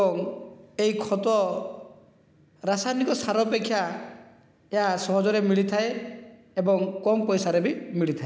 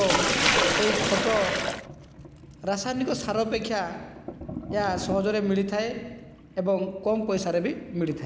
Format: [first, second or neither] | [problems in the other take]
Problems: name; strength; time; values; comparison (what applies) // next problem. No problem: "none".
first | background sound (Sink (filling or washing)); 2 dB below the speech